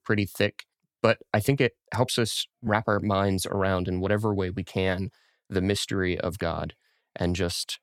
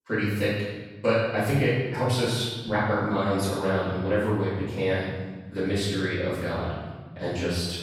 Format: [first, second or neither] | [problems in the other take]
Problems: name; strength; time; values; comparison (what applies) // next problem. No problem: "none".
first | off-mic speech; far // room echo; strong; dies away in 1.2 s